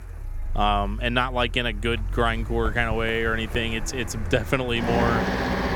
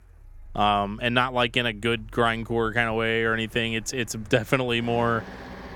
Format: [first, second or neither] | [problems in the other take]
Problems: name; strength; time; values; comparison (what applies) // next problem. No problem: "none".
second | traffic noise; loud; throughout; 5 dB below the speech; faint in the second